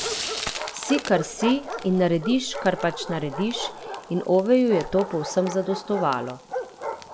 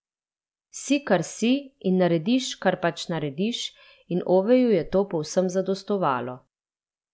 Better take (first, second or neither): second